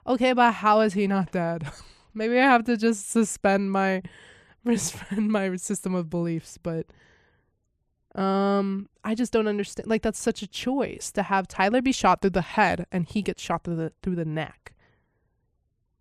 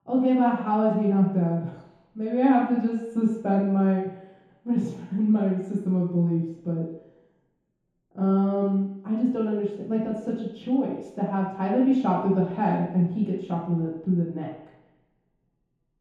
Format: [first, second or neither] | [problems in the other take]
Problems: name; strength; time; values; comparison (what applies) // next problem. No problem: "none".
first | room echo; strong; dies away in 0.8 s // off-mic speech; far